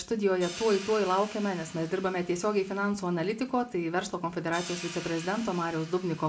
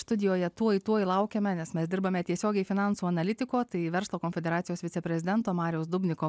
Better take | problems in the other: second | background sound (Hi-hat); 16 dB below the speech // room echo; dies away in 0.6 s

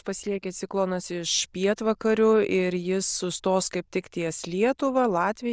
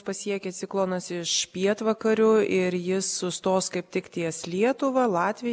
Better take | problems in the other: second | noise reduction (neural diffusion model UNIVERSE++)

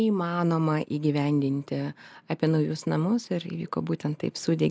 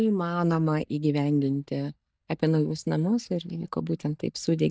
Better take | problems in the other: first | noise reduction (neural mask model DeepFilterNet 3)

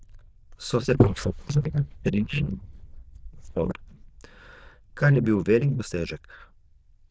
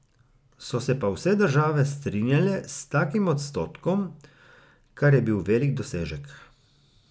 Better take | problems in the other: second | noise reduction (neural diffusion model UNIVERSE++)

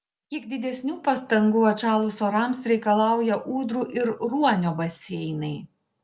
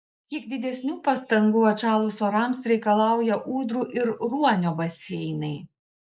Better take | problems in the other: first | noise reduction (neural mask model Resemble Enhance denoiser)

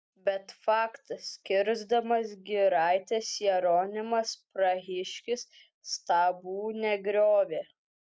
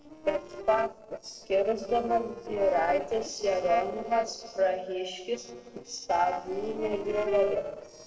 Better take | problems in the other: first | noise reduction (neural separator model SepFormer DNS4)

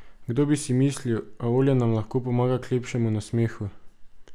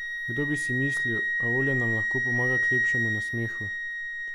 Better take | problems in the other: first | background sound (Wind instrument, woodwind instrument); 5 dB above the speech

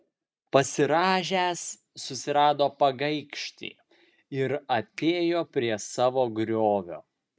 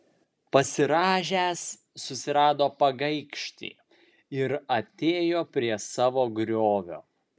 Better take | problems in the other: second | noise reduction (neural mask model RNNoise)

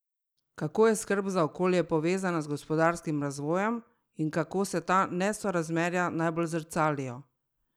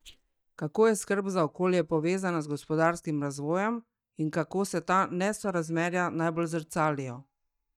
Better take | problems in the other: first | noise reduction (neural mask model DeepFilterNet 3)

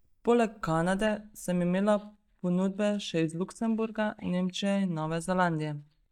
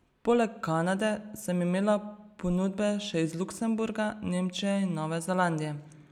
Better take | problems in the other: second | noise reduction (neural mask model DeepFilterNet 3)

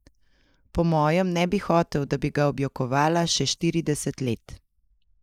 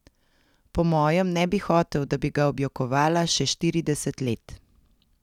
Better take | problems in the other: second | noise reduction (neural mask model Resemble Enhance denoiser)

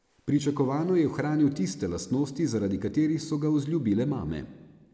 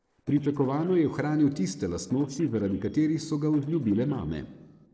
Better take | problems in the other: first | noise reduction (neural separator model SepFormer DNS4)

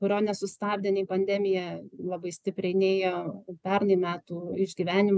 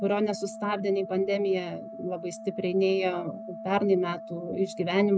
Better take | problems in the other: first | background sound (Organ); 13 dB below the speech

